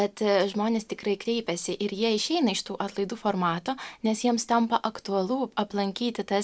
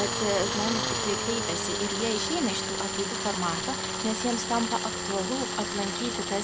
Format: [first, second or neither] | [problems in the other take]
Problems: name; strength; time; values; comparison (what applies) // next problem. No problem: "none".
first | background sound (Tools); as loud as the speech